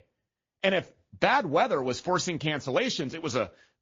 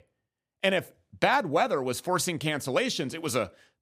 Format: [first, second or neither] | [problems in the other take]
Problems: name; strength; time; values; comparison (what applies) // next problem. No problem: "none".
second | garbled, watery; slightly